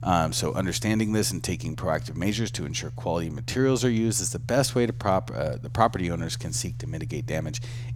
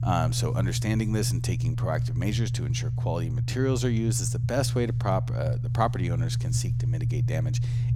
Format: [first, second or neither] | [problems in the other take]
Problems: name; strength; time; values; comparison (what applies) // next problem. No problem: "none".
first | low rumble; loud; throughout; 9 dB below the speech; faint in the first